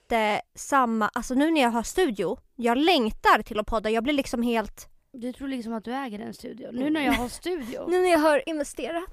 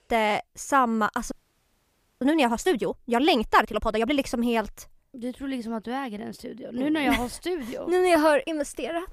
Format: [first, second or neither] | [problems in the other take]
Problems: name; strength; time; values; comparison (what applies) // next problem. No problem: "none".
first | audio freezing; at 1.5 s for 1 s